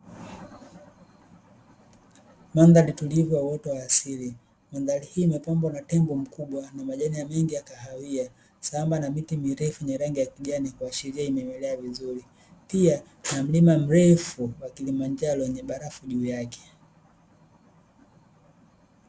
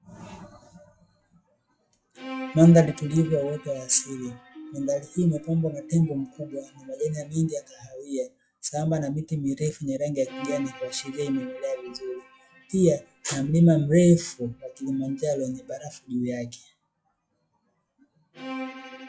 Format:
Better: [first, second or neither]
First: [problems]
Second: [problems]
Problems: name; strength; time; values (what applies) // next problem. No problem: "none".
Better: first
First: none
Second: noise reduction (classical method log-MMSE)